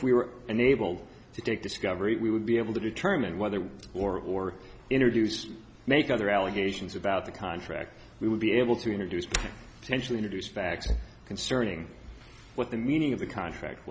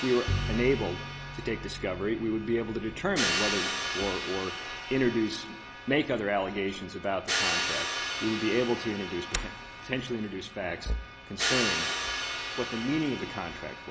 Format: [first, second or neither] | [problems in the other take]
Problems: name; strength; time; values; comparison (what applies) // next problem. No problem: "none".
first | background sound (Bowed string instrument + Crash cymbal); 3 dB below the speech